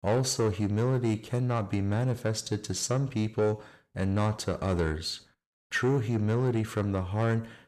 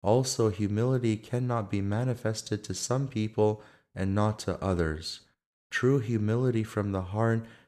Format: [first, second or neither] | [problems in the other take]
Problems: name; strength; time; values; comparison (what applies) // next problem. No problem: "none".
second | distortion; slight; 10 dB below the speech